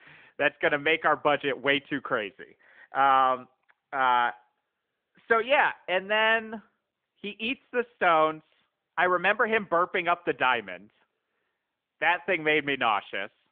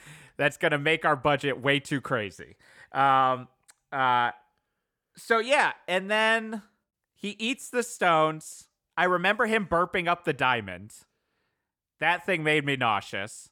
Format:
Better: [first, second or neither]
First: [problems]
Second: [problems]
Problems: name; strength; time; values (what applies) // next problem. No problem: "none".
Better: second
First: phone-call audio; nothing above 3.5 kHz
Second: none